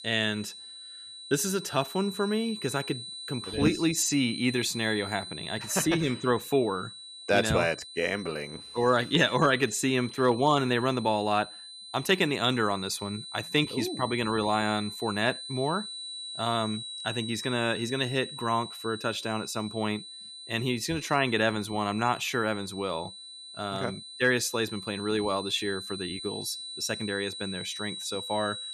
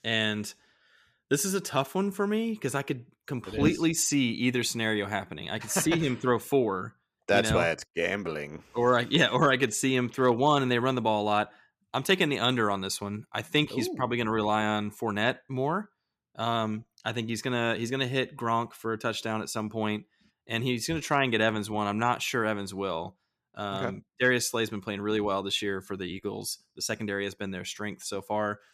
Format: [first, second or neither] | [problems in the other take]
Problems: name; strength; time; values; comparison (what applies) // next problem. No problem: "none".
second | high-pitched whine; noticeable; throughout; 4 kHz, 10 dB below the speech